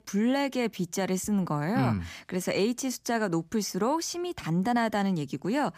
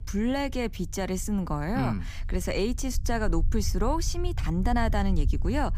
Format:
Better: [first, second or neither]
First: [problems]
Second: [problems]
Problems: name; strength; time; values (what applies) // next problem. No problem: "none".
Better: first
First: none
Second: low rumble; faint; throughout; 20 dB below the speech